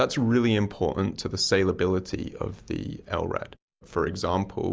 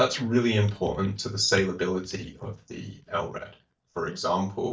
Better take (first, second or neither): first